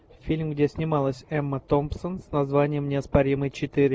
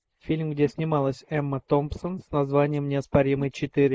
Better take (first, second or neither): first